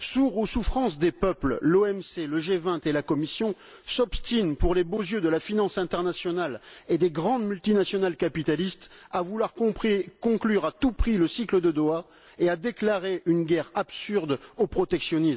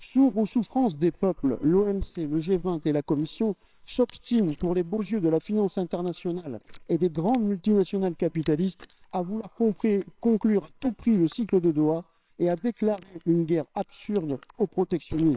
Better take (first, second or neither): first